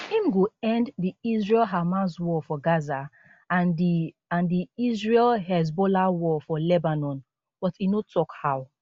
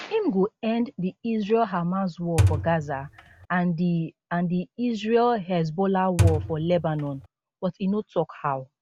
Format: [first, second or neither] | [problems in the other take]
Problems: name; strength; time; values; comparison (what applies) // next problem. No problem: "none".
first | background sound (Thump, thud); as loud as the speech